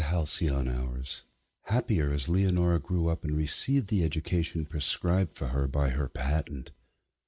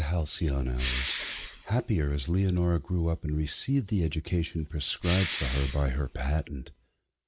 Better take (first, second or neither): first